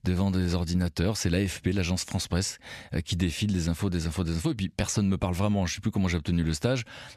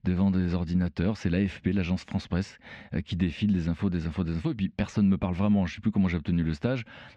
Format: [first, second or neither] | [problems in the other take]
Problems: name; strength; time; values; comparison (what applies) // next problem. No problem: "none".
first | muffled; slightly; fading above 2.5 kHz